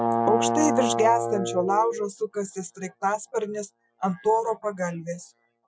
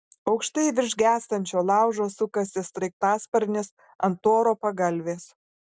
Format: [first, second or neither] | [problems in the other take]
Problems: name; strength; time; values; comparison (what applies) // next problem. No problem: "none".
second | noise reduction (classical method Wiener filter)